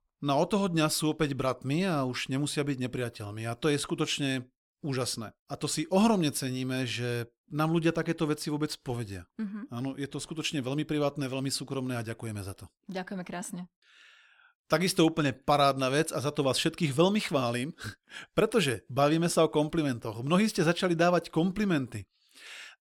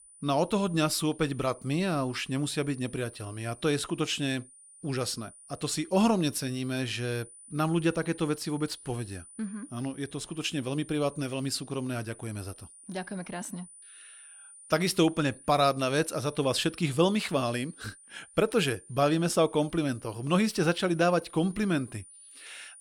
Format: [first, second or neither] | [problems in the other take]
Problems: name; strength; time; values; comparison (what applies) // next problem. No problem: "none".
first | high-pitched whine; faint; throughout; 9.5 kHz, 20 dB below the speech